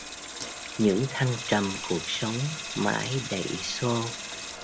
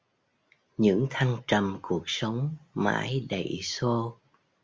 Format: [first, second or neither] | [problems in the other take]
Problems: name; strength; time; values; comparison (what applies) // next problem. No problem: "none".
second | background sound (Sink (filling or washing) / Water tap, faucet); 7 dB below the speech